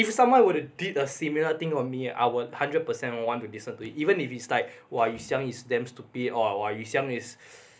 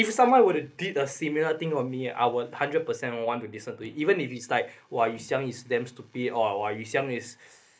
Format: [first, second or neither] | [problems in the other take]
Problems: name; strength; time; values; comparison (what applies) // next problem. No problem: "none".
first | noise reduction (neural mask model Resemble Enhance denoiser)